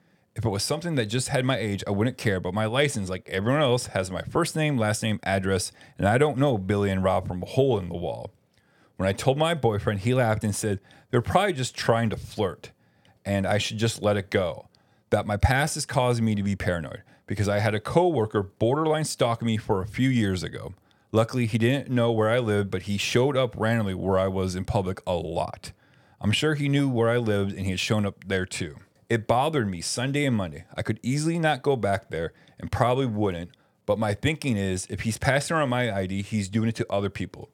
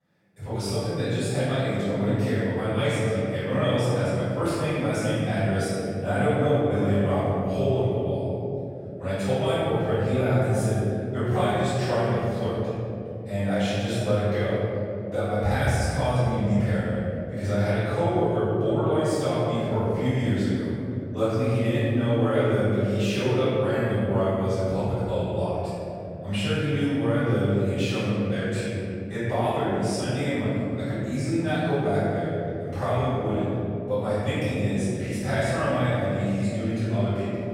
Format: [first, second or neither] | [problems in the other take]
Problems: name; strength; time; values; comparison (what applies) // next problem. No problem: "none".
first | room echo; strong; dies away in 3 s // off-mic speech; far